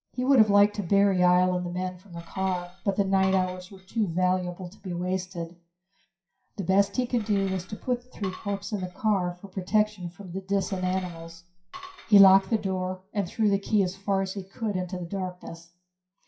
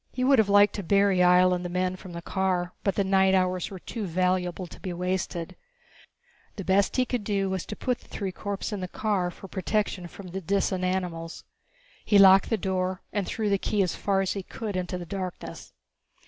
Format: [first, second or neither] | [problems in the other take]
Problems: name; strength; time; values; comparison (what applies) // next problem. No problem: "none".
second | noise reduction (classical method WPE with log-MMSE)